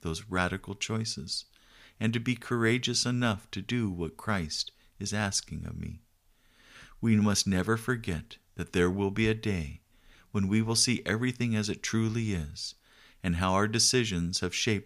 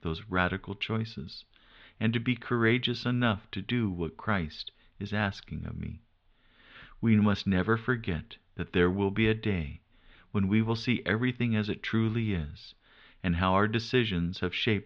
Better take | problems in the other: first | muffled; very; fading above 3.5 kHz

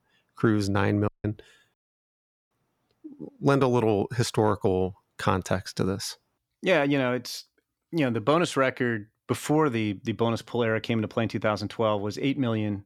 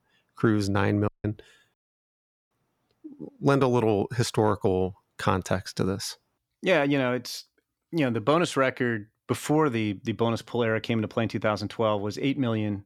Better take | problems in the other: neither | audio cutting out; at 1 s and at 1.5 s for 1 s; the same in both

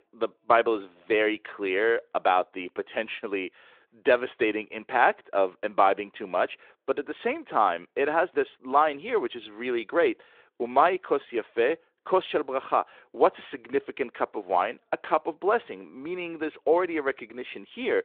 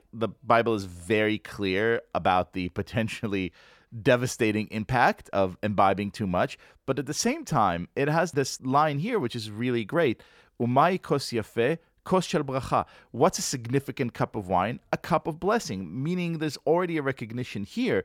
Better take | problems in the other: second | phone-call audio

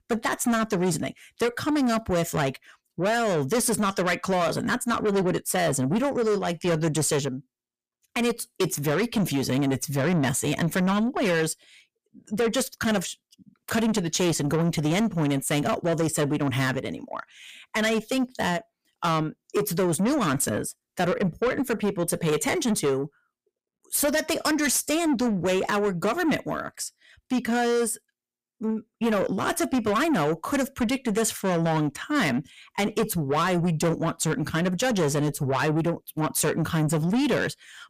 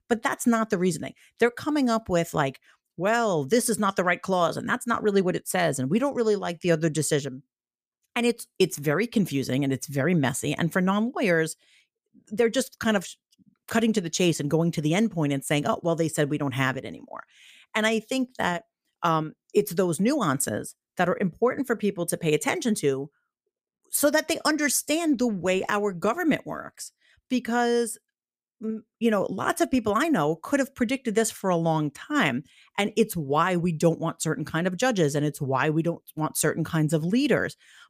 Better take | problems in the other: second | distortion; heavy; 8 dB below the speech

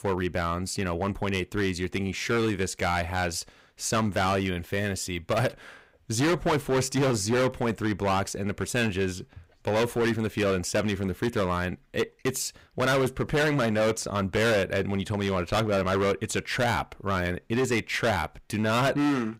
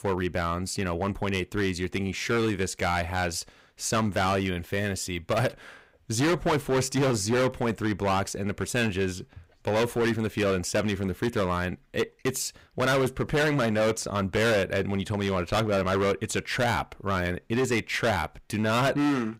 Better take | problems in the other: neither | distortion; heavy; 13% of the sound clipped; the same in both

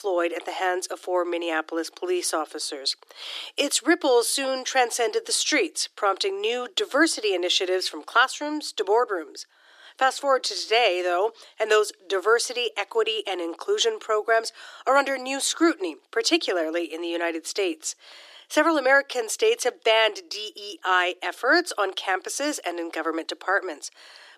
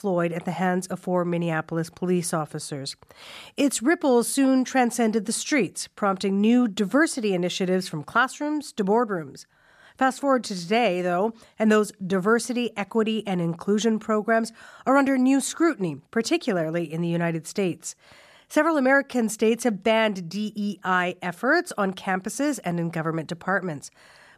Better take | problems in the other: second | thin; very; fading below 300 Hz

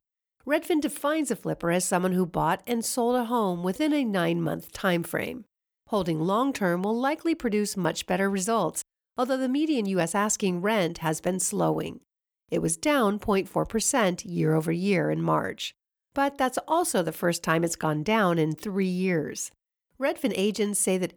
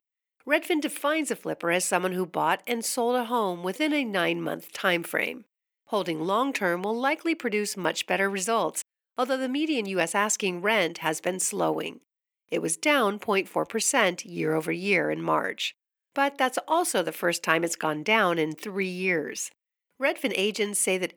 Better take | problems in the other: first | thin; very slightly; fading below 250 Hz

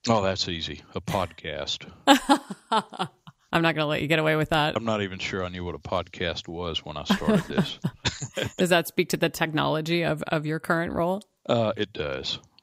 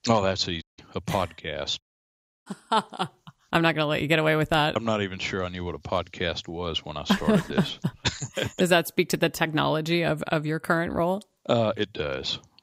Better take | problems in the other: first | audio cutting out; at 0.5 s and at 2 s for 0.5 s

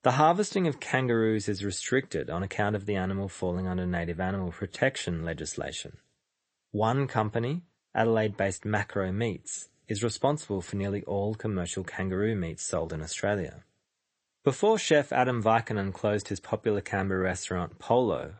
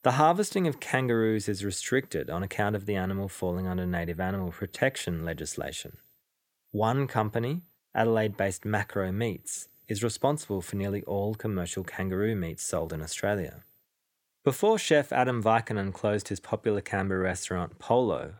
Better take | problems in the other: second | garbled, watery; slightly; nothing above 8 kHz

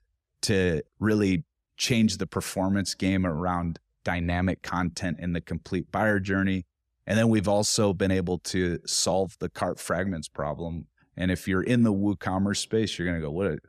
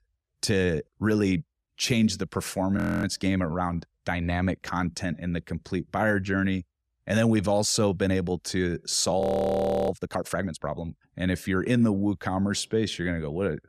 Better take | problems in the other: first | audio freezing; at 3 s and at 9 s for 0.5 s

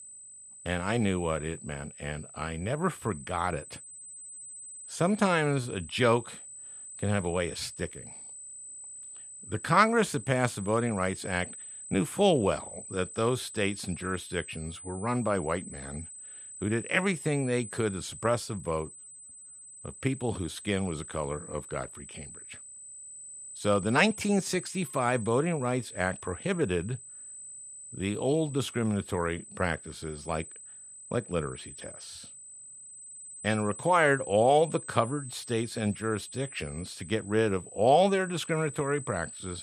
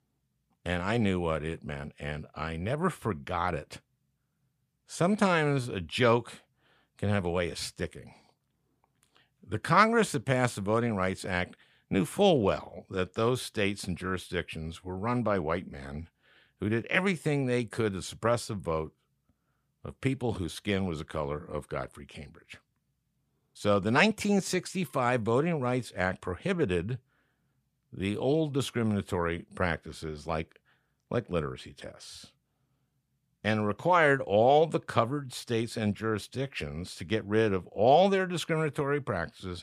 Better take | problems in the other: second | high-pitched whine; noticeable; throughout; 8 kHz, 15 dB below the speech

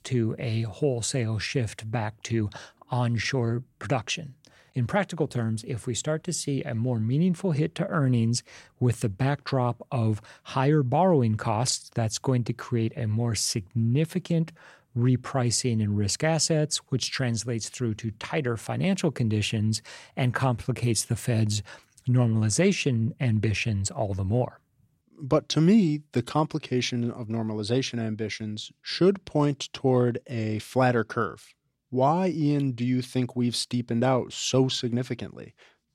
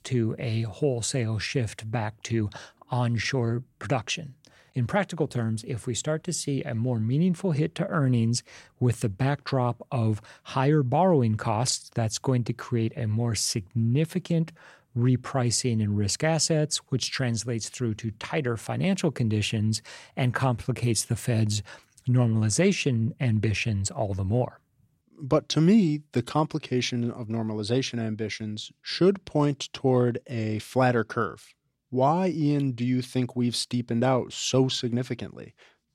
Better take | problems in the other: neither | none

